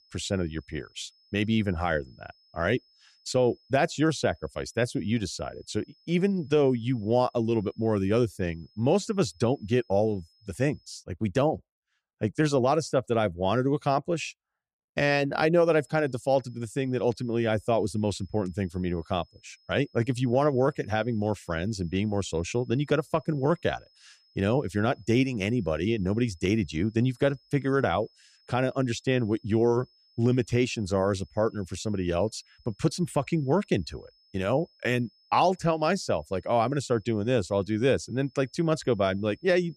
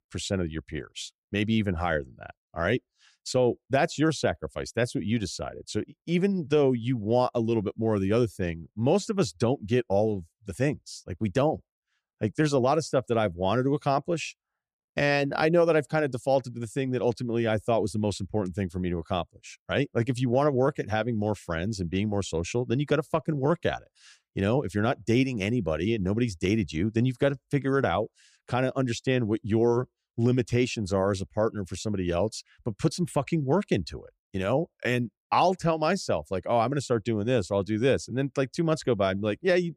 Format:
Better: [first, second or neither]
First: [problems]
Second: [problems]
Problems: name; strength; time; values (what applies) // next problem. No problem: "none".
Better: second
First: high-pitched whine; faint; until 11 s and from 16 s on; 5 kHz, 35 dB below the speech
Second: none